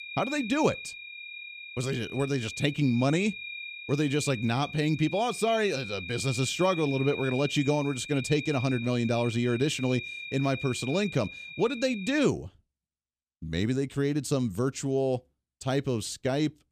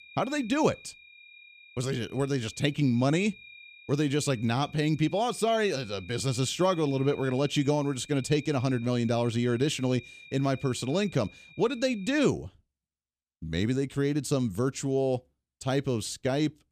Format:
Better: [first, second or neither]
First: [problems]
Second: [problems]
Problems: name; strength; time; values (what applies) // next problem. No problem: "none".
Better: second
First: high-pitched whine; loud; until 12 s; 2.5 kHz, 10 dB below the speech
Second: high-pitched whine; faint; until 12 s; 2.5 kHz, 20 dB below the speech